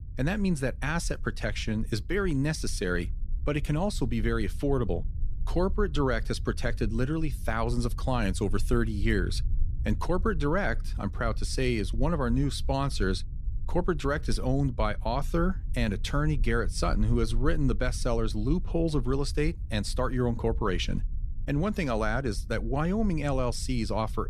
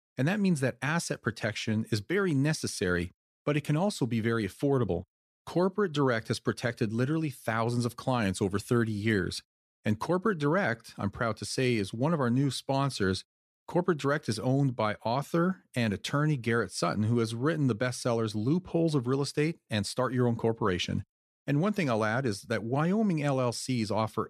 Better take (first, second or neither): second